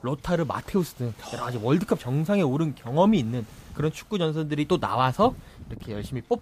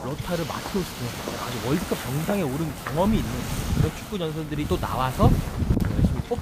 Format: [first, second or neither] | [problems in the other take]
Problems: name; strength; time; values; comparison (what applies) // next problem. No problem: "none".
first | wind noise on the microphone; heavy; 4 dB below the speech; occasional gusts in the first